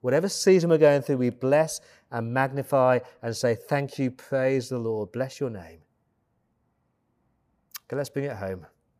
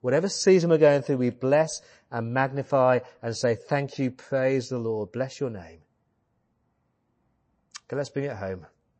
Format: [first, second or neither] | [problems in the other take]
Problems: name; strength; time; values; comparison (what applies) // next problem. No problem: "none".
first | garbled, watery; slightly; nothing above 8 kHz